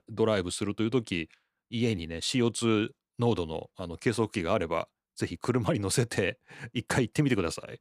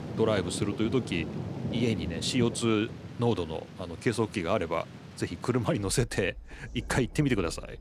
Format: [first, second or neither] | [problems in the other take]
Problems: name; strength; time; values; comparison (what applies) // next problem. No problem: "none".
first | rain or running water; loud; throughout; 10 dB below the speech